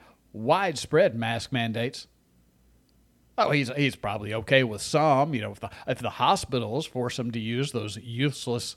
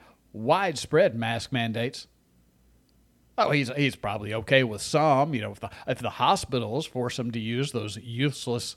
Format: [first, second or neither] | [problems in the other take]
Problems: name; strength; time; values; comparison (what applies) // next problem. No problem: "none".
neither | none